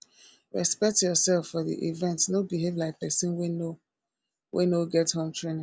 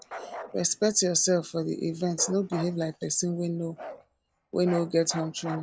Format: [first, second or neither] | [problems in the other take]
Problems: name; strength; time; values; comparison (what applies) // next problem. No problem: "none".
first | background sound (Bark); 15 dB below the speech